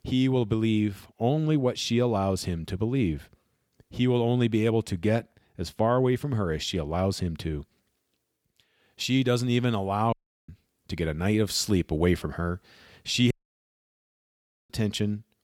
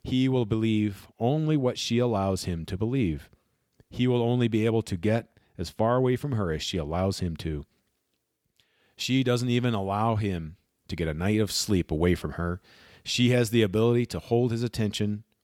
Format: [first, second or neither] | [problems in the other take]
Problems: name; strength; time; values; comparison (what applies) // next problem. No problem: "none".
second | audio cutting out; at 10 s and at 13 s for 1.5 s